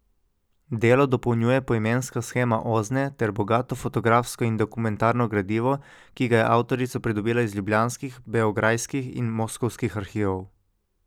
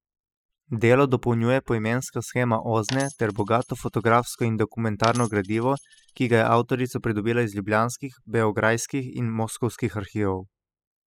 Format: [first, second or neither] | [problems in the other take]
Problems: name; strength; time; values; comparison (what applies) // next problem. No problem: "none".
first | noise reduction (classical method spectral subtraction)